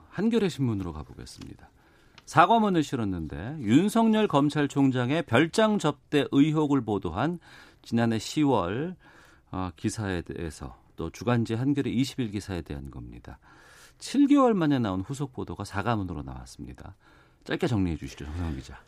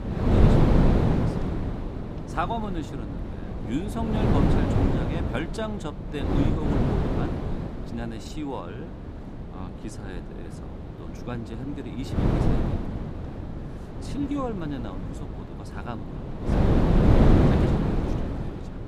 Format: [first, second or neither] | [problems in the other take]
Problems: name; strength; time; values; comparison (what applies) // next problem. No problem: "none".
first | wind noise on the microphone; heavy; 5 dB above the speech